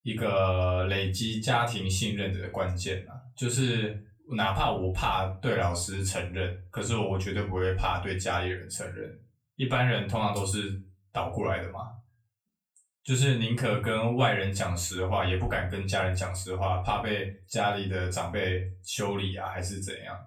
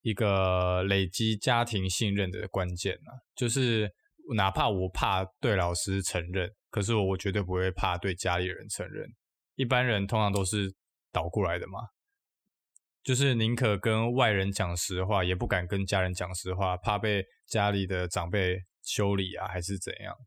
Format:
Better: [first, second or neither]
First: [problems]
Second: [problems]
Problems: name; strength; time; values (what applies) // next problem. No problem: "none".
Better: second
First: room echo; slight; dies away in 0.3 s // off-mic speech; far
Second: none